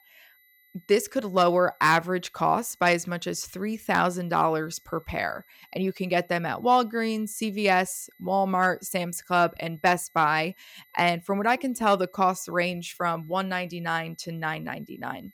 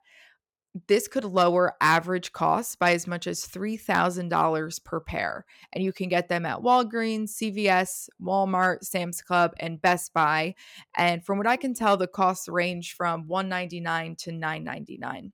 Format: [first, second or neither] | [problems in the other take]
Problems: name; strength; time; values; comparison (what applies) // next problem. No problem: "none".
second | high-pitched whine; faint; throughout; 2 kHz, 30 dB below the speech